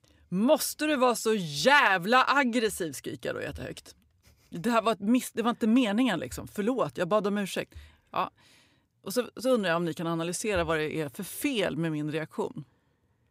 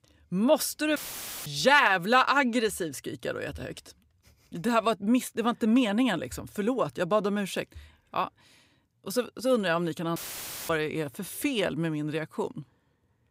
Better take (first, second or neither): first